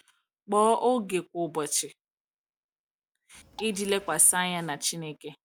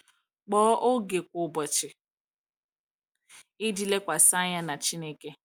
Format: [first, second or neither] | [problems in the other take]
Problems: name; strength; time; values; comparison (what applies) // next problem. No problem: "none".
second | background sound (Drip / Water); 20 dB below the speech